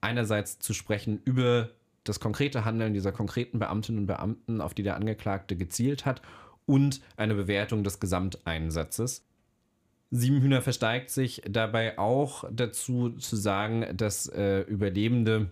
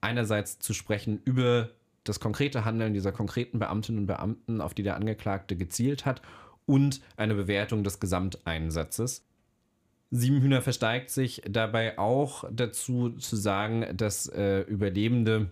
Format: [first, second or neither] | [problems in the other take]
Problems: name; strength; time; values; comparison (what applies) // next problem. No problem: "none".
neither | none